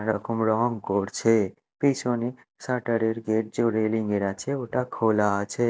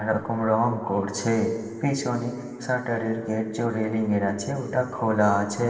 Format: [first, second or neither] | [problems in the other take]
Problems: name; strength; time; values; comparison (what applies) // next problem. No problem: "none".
first | room echo; dies away in 2.3 s